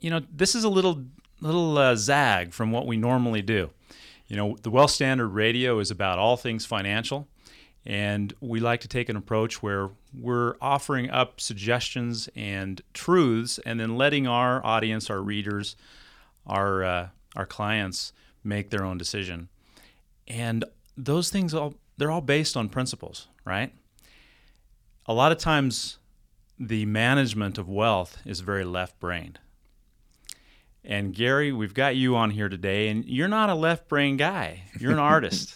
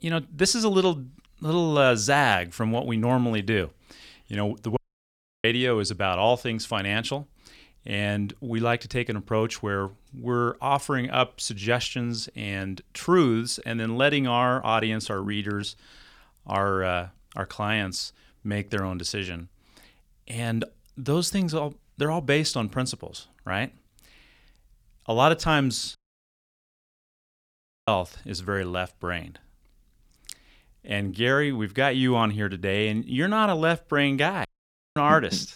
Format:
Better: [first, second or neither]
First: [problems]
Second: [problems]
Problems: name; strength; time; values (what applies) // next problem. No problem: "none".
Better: first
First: none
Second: audio cutting out; at 5 s for 0.5 s, at 26 s for 2 s and at 34 s for 0.5 s